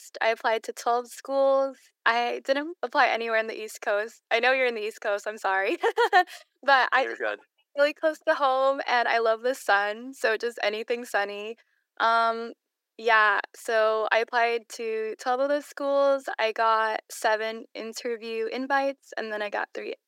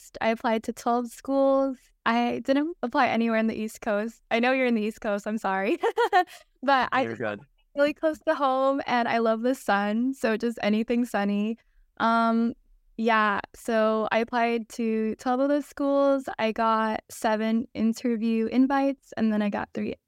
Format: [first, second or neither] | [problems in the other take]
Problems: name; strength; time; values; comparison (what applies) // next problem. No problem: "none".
second | thin; very; fading below 350 Hz